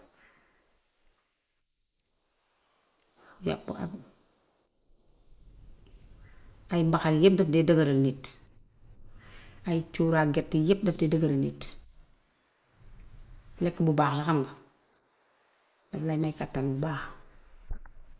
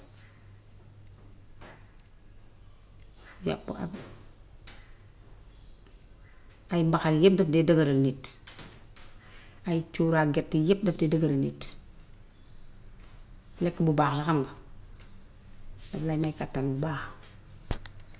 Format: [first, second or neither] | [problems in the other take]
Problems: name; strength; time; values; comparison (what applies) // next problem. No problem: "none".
second | noise reduction (neural mask model Resemble Enhance denoiser)